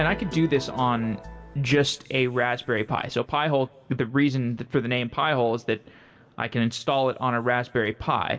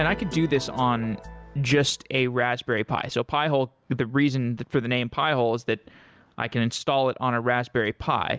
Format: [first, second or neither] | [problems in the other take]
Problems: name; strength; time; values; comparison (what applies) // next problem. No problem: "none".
second | room echo; dies away in 1.1 s